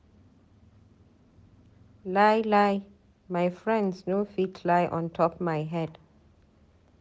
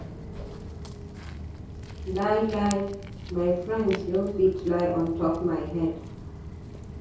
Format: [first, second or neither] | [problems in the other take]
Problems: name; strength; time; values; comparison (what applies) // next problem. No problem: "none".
first | background sound (Walk, footsteps); 10 dB below the speech // room echo; dies away in 0.6 s